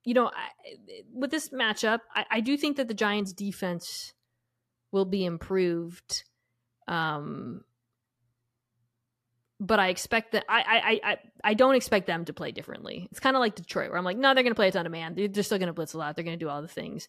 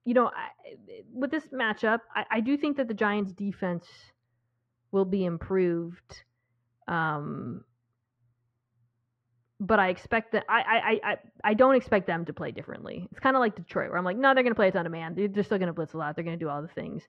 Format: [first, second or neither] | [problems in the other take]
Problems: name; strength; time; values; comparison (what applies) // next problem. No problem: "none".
first | muffled; very; fading above 1.5 kHz